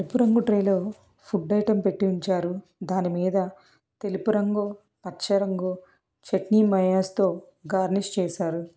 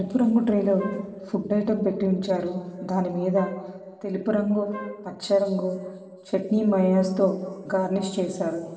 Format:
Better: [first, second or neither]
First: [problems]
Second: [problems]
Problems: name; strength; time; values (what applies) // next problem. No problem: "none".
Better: first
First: none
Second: background sound (Wind instrument, woodwind instrument); 17 dB below the speech // room echo; dies away in 2.1 s